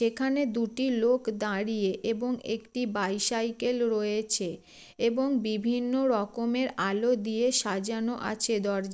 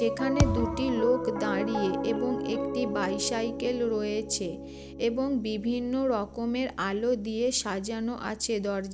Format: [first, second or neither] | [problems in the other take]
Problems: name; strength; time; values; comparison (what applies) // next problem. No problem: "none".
first | background sound (Piano + Thump, thud); 4 dB below the speech